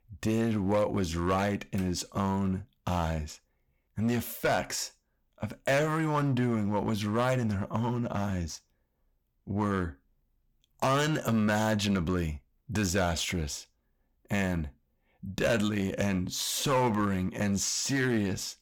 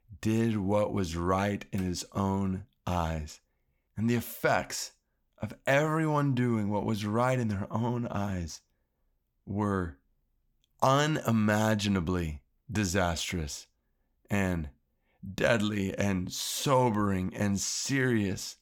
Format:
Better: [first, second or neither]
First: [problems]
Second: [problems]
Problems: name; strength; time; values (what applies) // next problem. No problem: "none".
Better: second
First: distortion; slight; 7% of the sound clipped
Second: none